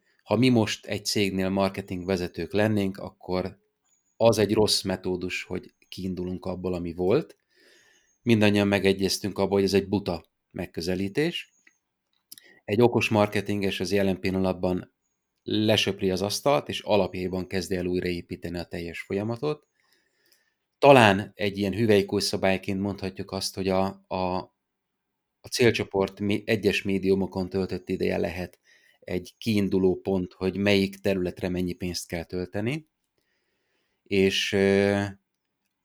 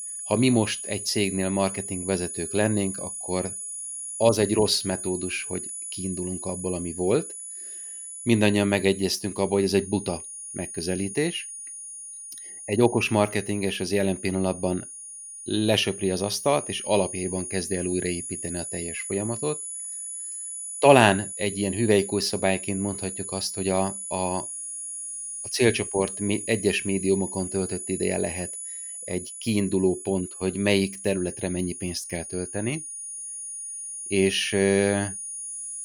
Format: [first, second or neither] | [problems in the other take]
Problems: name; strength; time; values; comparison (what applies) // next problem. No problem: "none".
first | high-pitched whine; loud; throughout; 10 kHz, 8 dB below the speech